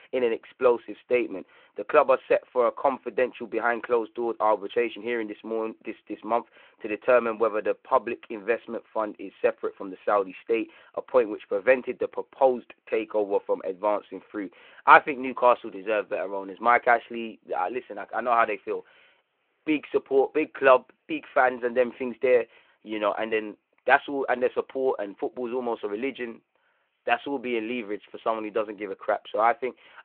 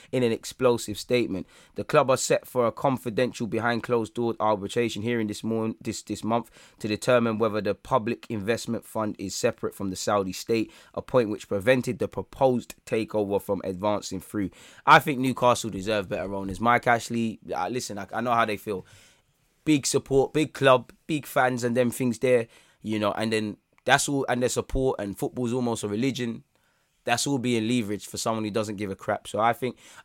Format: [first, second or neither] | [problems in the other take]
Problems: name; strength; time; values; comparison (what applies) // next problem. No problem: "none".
second | phone-call audio